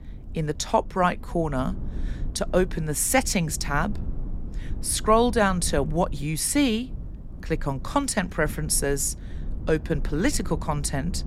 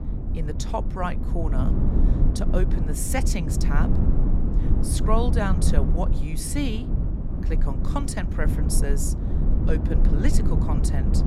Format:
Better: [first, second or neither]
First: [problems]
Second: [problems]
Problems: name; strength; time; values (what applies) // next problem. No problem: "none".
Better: first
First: low rumble; faint; throughout; 25 dB below the speech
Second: low rumble; loud; throughout; 4 dB below the speech